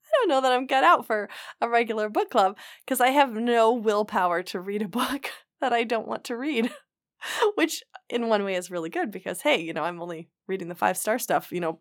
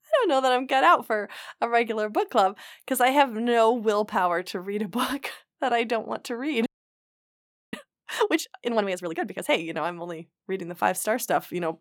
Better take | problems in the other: first | audio freezing; at 6.5 s for 1 s

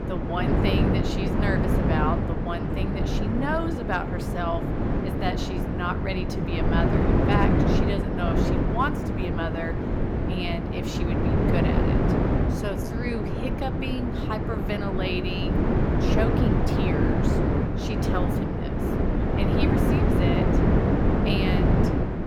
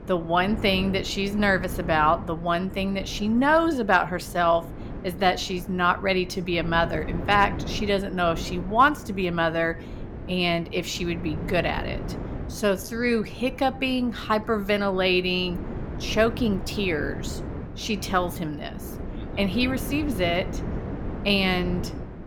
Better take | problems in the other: second | wind noise on the microphone; heavy; 2 dB above the speech; occasional gusts in the second

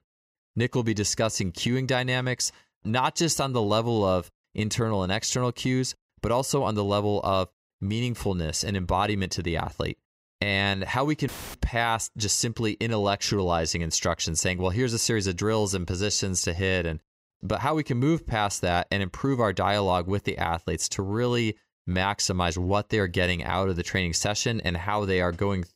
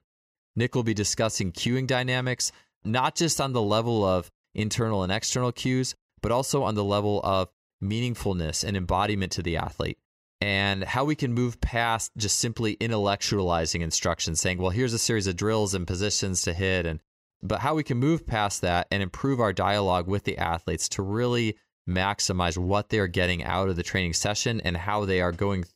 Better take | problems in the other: second | audio cutting out; filled with static; at 11 s

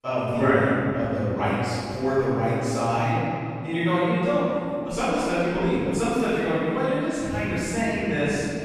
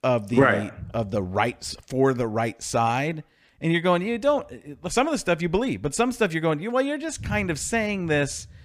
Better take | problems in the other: second | room echo; strong; dies away in 2.7 s // off-mic speech; far

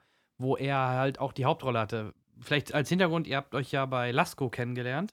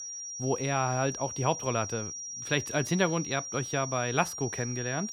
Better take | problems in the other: first | high-pitched whine; loud; throughout; 5.5 kHz, 6 dB below the speech

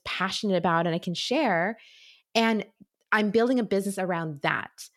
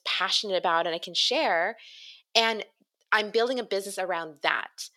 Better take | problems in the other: first | thin; somewhat; fading below 500 Hz

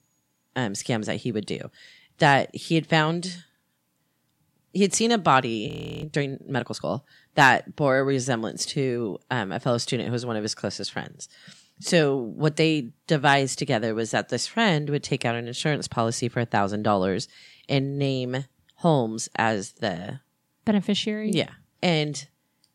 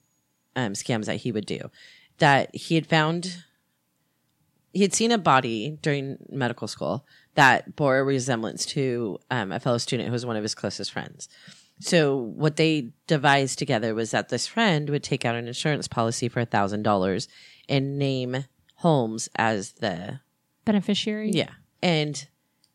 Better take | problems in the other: second | audio freezing; at 5.5 s

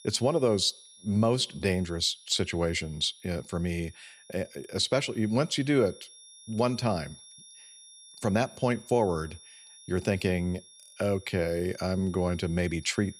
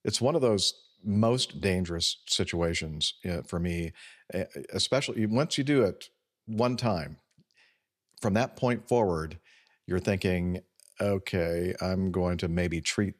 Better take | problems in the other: second | high-pitched whine; faint; throughout; 3.5 kHz, 20 dB below the speech

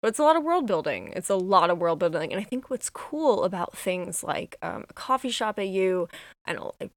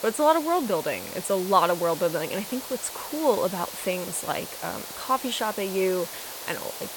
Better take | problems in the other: first | hiss; loud; throughout; 9 dB below the speech

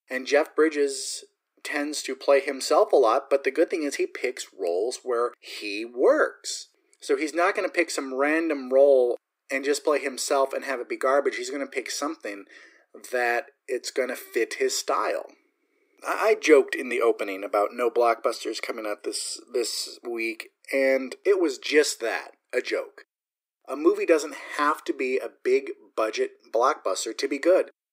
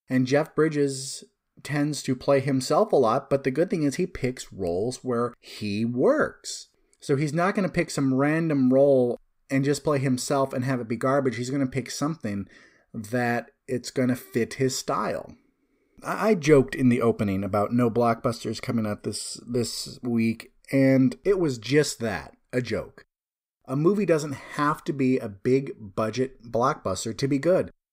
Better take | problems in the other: second | thin; very; fading below 300 Hz

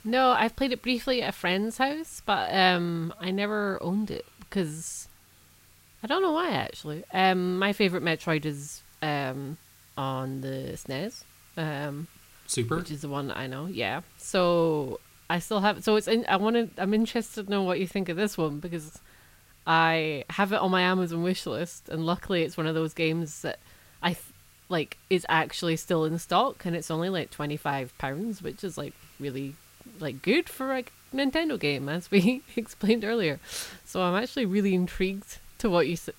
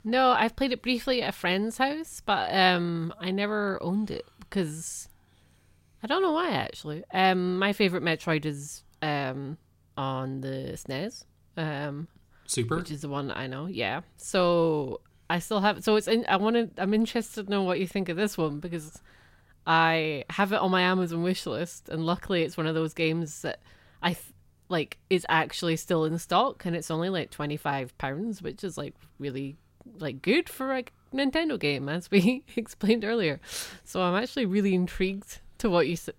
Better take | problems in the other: second | hiss; faint; throughout; 25 dB below the speech

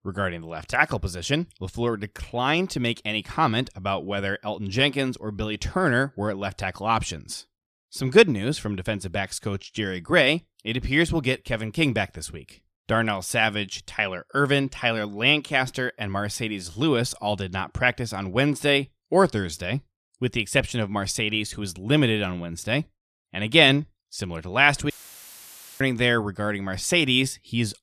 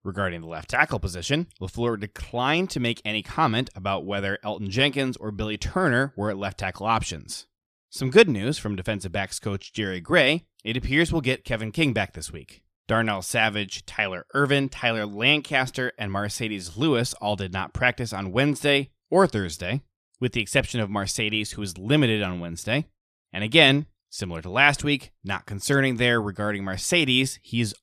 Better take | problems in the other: second | audio cutting out; filled with static; at 25 s for 1 s

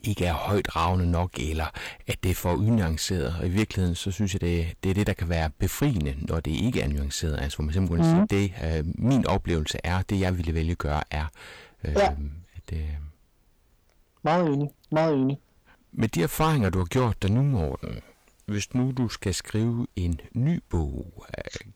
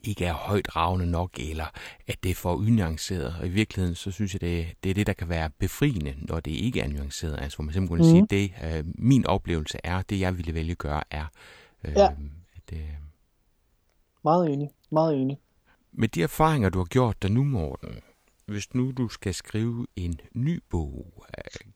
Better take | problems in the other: second | distortion; heavy; 8 dB below the speech

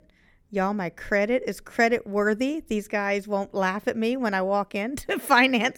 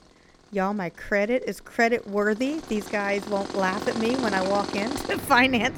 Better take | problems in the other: first | machinery noise; loud; throughout; 8 dB below the speech

